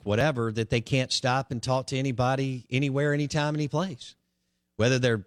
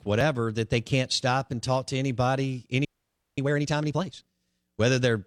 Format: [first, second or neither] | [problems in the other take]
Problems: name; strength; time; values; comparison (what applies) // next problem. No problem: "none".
first | audio freezing; at 3 s for 0.5 s